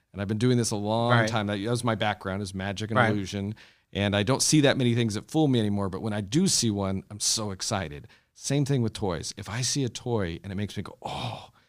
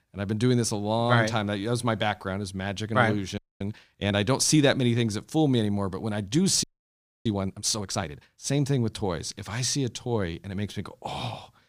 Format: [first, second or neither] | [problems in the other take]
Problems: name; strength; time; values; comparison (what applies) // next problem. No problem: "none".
first | audio freezing; at 3.5 s and at 6.5 s for 0.5 s